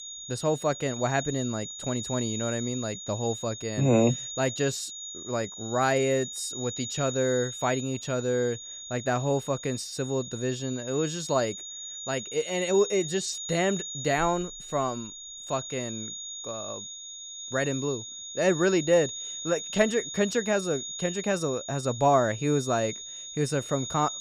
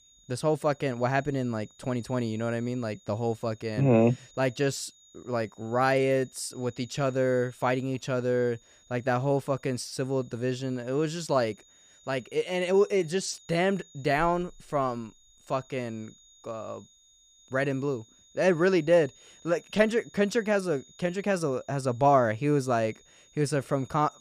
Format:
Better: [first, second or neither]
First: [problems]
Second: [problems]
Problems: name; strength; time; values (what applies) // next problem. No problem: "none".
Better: second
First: high-pitched whine; loud; throughout; 6.5 kHz, 8 dB below the speech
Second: high-pitched whine; faint; throughout; 6.5 kHz, 25 dB below the speech